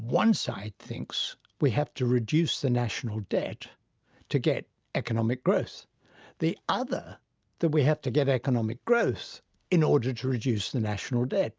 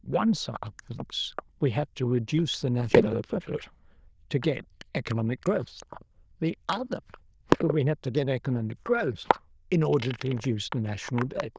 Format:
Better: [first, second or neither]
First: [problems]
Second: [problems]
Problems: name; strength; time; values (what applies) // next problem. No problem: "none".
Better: first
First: none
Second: noise reduction (neural diffusion model UNIVERSE++)